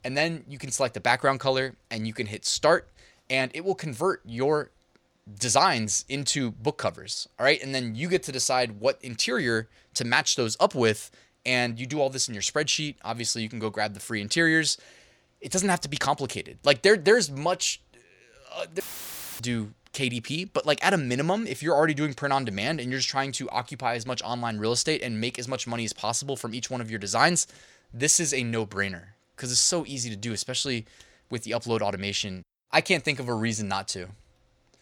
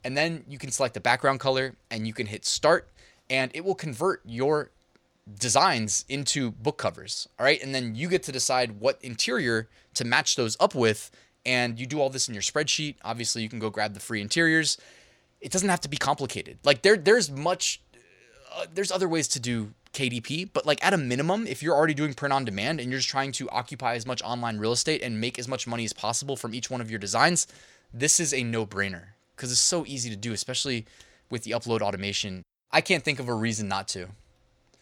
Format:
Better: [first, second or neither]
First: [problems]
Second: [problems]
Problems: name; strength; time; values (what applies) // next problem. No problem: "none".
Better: second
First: audio cutting out; filled with static; at 19 s for 0.5 s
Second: none